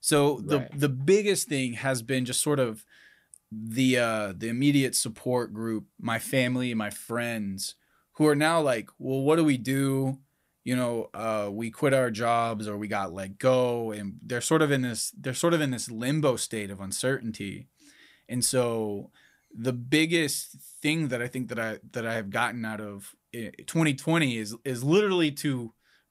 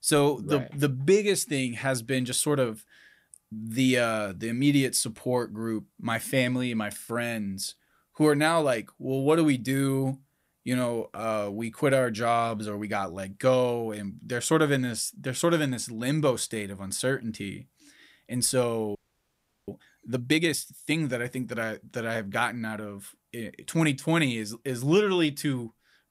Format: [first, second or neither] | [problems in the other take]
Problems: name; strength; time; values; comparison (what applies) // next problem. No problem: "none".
first | audio freezing; at 19 s for 0.5 s